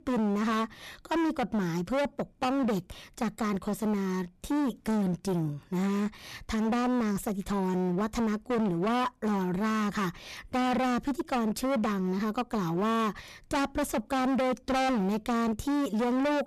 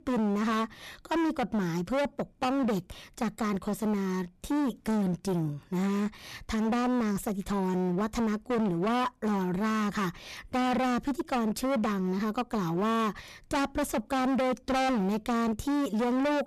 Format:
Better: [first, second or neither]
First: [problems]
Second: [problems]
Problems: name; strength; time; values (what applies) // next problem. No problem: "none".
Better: neither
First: distortion; heavy; 28% of the sound clipped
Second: distortion; heavy; 28% of the sound clipped